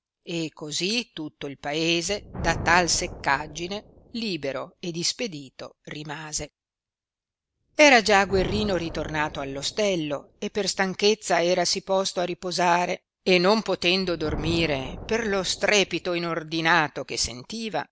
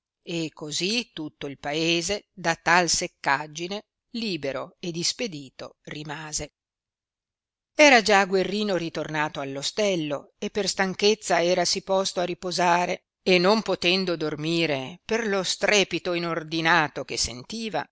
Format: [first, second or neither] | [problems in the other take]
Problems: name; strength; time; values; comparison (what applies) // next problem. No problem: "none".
second | background sound (Thunder); 15 dB below the speech